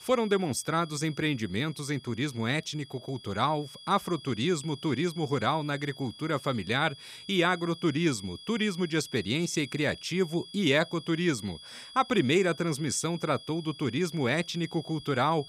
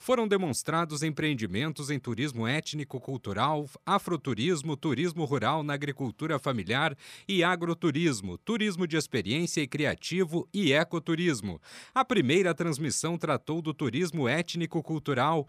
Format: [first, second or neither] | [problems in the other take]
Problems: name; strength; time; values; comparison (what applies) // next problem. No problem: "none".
second | high-pitched whine; noticeable; throughout; 3.5 kHz, 15 dB below the speech